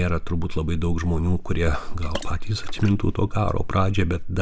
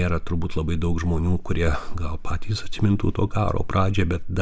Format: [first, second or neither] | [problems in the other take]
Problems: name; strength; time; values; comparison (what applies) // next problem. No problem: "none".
second | background sound (Water / Splash, splatter); 18 dB below the speech